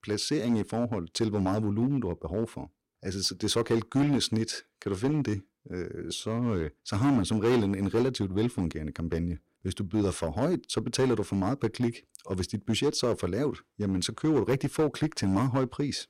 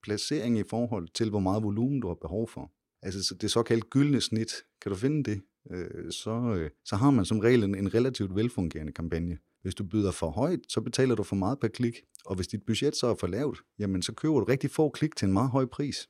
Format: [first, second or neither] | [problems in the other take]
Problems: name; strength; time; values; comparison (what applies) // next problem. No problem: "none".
second | distortion; slight; 5% of the sound clipped